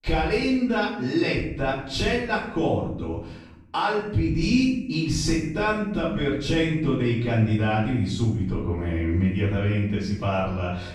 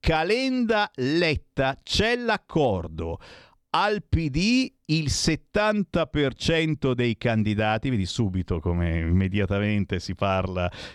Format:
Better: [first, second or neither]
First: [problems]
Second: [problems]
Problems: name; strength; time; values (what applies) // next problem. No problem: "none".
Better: second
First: off-mic speech; far // room echo; noticeable; dies away in 0.7 s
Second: none